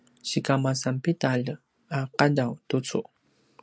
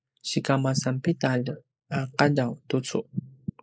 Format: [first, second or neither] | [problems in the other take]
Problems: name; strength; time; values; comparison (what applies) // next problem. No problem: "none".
first | noise reduction (neural mask model Resemble Enhance denoiser)